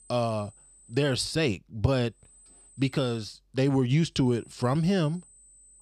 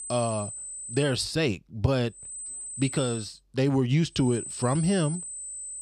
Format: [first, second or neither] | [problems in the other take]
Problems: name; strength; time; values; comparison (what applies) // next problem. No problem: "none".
first | high-pitched whine; loud; until 1 s, from 2 to 3 s and from 4 s on; 8 kHz, 8 dB below the speech; faint in the first